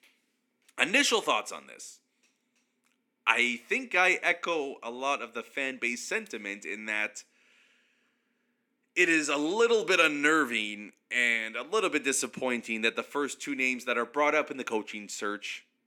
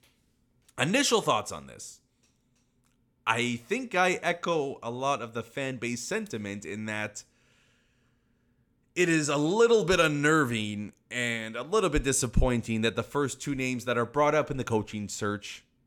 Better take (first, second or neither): second